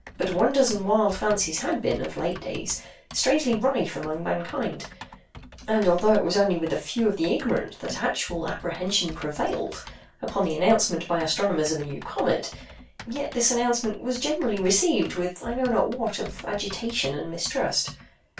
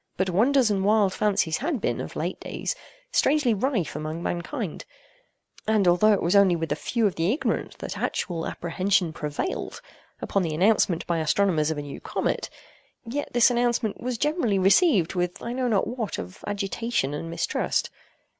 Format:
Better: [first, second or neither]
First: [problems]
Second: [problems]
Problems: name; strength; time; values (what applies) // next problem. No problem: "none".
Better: second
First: background sound (Typing); 18 dB below the speech // room echo; dies away in 0.2 s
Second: none